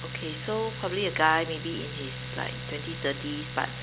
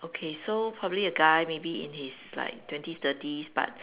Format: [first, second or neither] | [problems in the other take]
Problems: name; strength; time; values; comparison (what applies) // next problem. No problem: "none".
second | background sound (Domestic sounds, home sounds); 7 dB below the speech